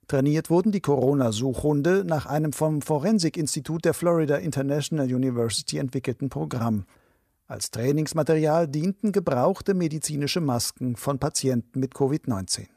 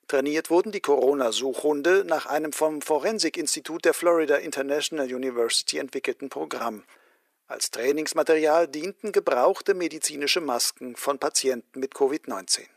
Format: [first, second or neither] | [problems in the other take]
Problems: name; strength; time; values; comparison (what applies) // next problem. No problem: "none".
first | thin; somewhat; fading below 350 Hz